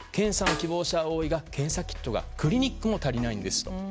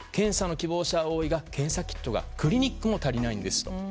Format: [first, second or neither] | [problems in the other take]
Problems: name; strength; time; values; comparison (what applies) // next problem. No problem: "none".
second | background sound (Snare drum); 9 dB below the speech